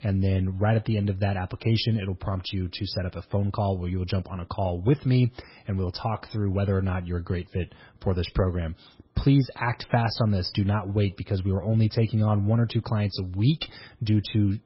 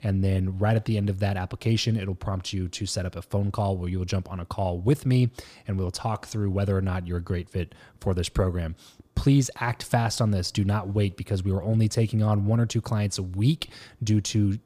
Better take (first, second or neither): second